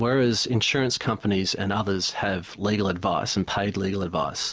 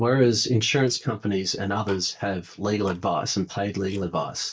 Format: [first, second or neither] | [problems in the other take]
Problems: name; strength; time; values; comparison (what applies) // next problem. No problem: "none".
first | noise reduction (neural mask model DeepFilterNet 3)